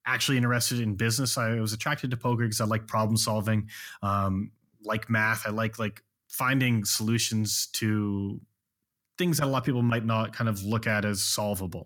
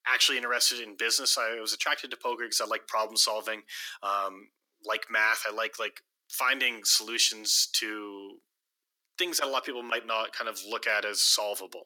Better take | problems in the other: first | thin; very; fading below 350 Hz

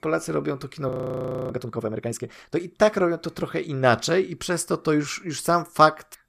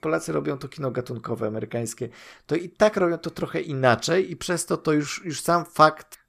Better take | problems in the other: second | audio freezing; at 1 s for 0.5 s

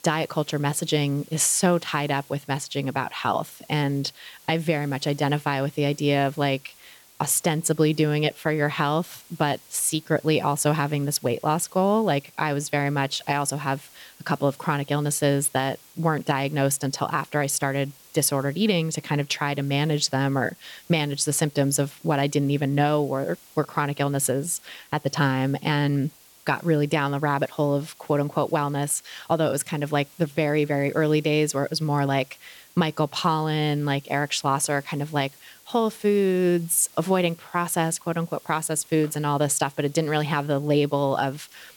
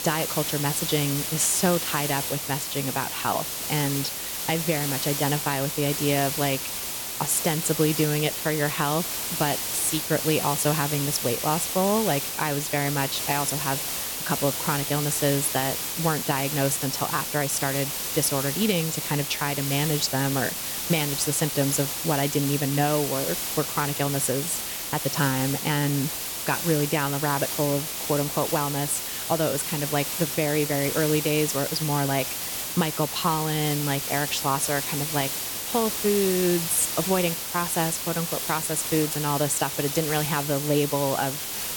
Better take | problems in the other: first | hiss; loud; throughout; 2 dB below the speech; faint in the first

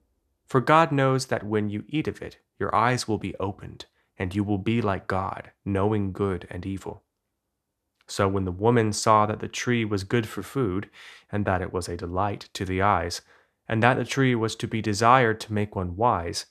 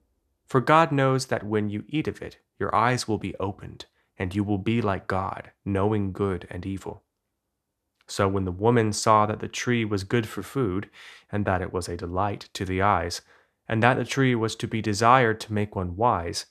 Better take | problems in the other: neither | none

